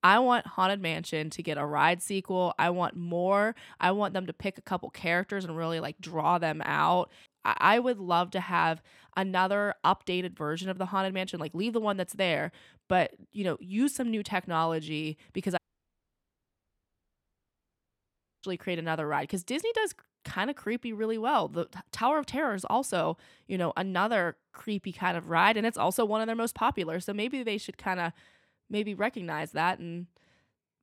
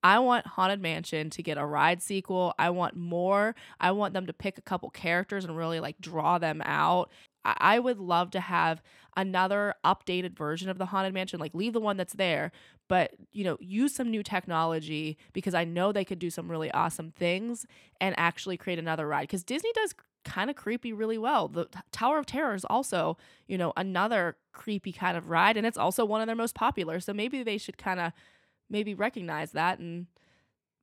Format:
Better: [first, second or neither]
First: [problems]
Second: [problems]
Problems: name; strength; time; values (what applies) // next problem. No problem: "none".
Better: second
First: audio cutting out; at 16 s for 3 s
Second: none